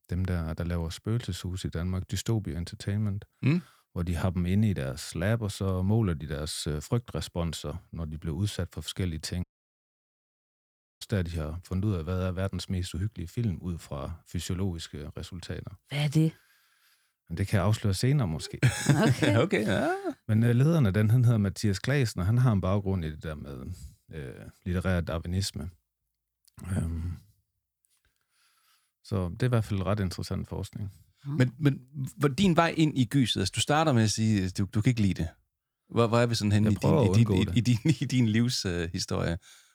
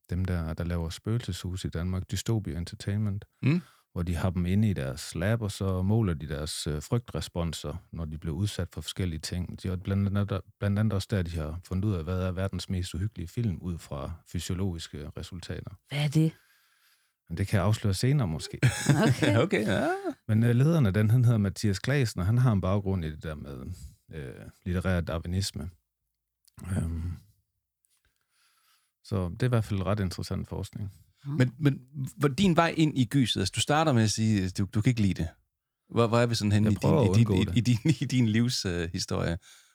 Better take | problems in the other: second | audio cutting out; at 9.5 s for 1.5 s

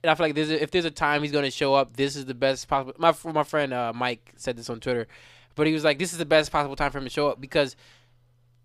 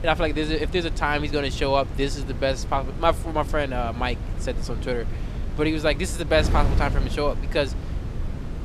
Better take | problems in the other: first | wind noise on the microphone; occasional gusts; 15 dB below the speech

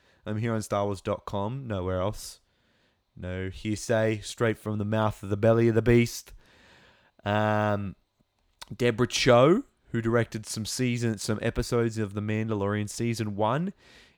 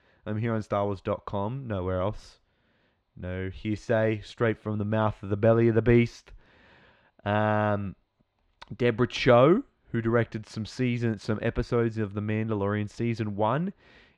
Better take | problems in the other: first | muffled; slightly; fading above 3 kHz

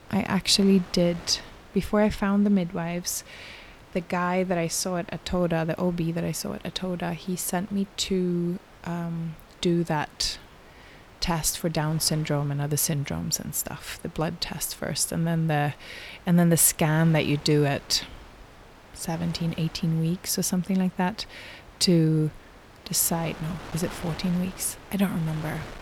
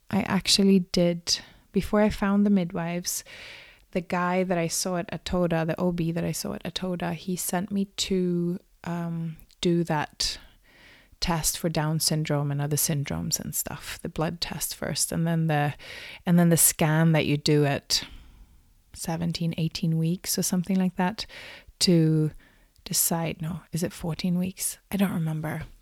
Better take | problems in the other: second | wind noise on the microphone; occasional gusts; 20 dB below the speech

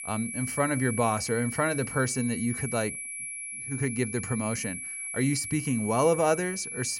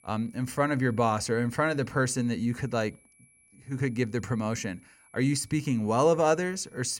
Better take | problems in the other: second | high-pitched whine; loud; throughout; 11 kHz, 6 dB below the speech; faint in the second

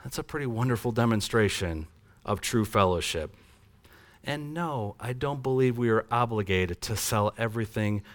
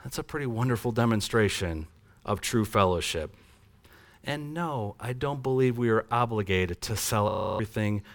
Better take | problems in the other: first | audio freezing; at 7.5 s

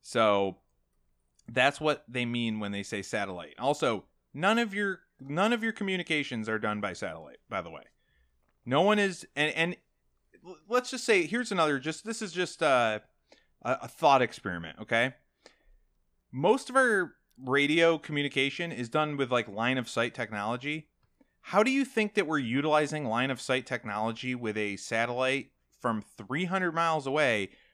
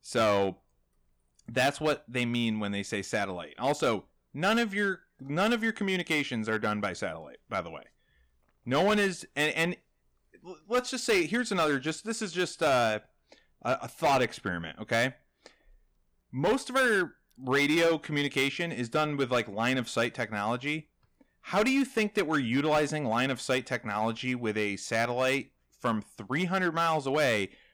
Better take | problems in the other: first | distortion; slight; 5% of the sound clipped

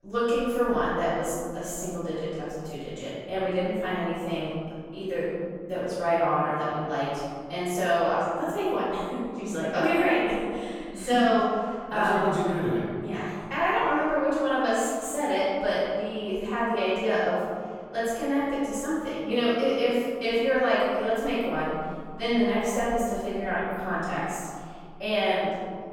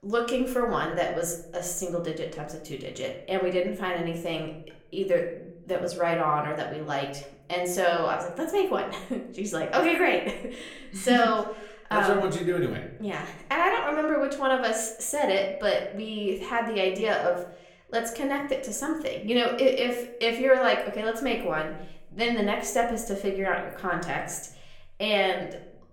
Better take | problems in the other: second | room echo; strong; dies away in 2.3 s; slight in the second // off-mic speech; far; somewhat distant in the second

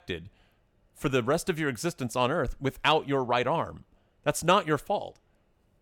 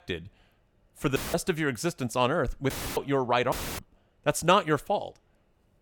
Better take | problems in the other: first | audio cutting out; filled with static; at 1 s, at 2.5 s and at 3.5 s

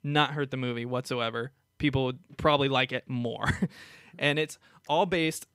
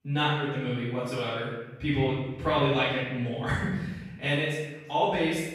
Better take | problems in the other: first | off-mic speech; far // room echo; strong; dies away in 1 s

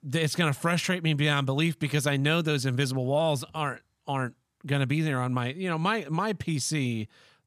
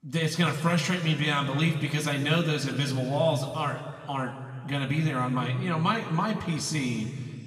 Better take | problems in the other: first | room echo; slight; dies away in 2 s // off-mic speech; somewhat distant

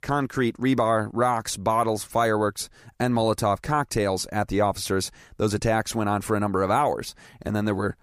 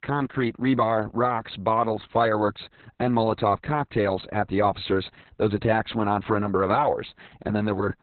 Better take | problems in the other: first | garbled, watery; badly; nothing above 4 kHz

